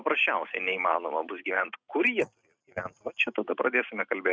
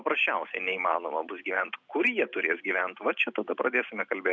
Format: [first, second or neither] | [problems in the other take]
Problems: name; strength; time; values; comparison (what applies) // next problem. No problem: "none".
second | noise reduction (neural mask model RNNoise)